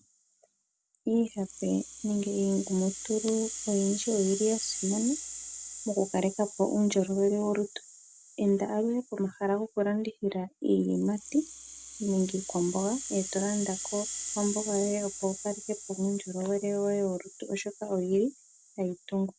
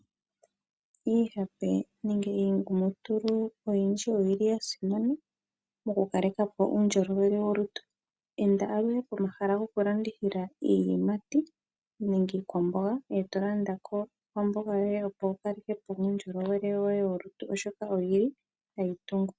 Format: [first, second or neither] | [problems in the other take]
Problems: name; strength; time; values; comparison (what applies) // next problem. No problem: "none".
second | background sound (Rattle (instrument)); 11 dB below the speech